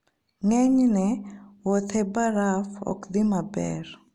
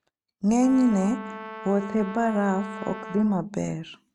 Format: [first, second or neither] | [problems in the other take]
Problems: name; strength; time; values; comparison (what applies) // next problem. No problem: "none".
first | noise reduction (neural mask model RNNoise)